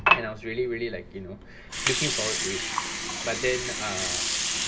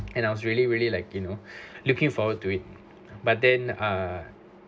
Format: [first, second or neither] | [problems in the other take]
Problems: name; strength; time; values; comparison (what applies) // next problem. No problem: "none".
second | background sound (Water); 4 dB above the speech // room echo; dies away in 1.9 s